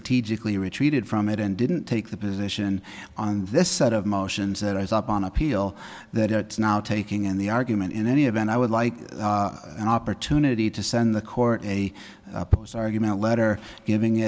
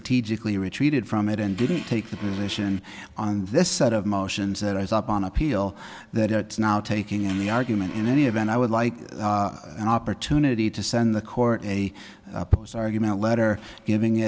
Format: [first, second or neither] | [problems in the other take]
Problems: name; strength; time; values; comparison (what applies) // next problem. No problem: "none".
first | background sound (Fart); 17 dB below the speech